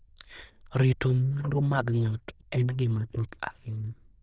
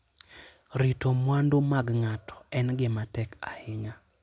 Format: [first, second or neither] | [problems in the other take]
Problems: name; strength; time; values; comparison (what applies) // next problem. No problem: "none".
second | noise reduction (neural diffusion model UNIVERSE++)